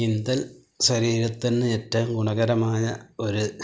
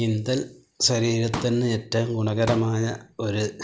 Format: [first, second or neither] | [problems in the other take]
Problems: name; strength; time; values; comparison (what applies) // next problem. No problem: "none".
first | background sound (Explosion); 12 dB below the speech